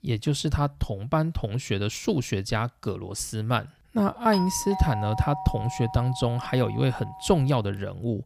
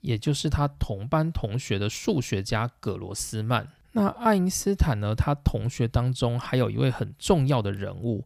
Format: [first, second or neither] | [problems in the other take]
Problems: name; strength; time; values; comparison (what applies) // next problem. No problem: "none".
second | doorbell; noticeable; from 4.5 to 7.5 s; peak 6 dB below the speech